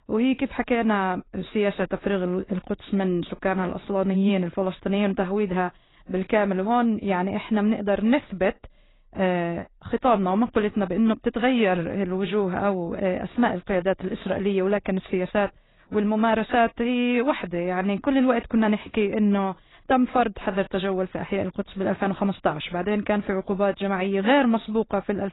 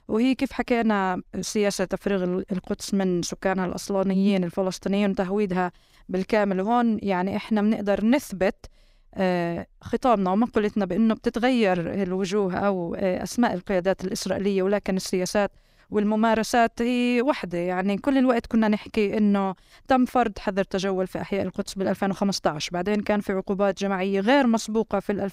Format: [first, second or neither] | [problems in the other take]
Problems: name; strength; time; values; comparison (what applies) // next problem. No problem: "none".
second | garbled, watery; badly; nothing above 4 kHz